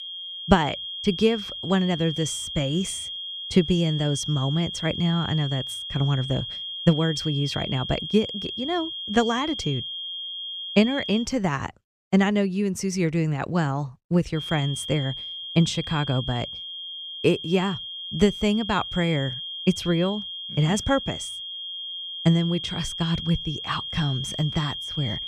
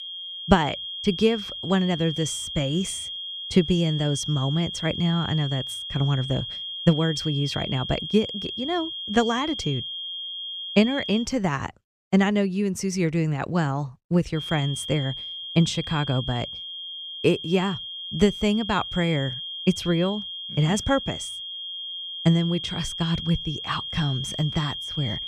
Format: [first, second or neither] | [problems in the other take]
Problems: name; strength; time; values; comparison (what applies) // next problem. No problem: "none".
neither | high-pitched whine; loud; until 11 s and from 14 s on; 3 kHz, 6 dB below the speech; the same in both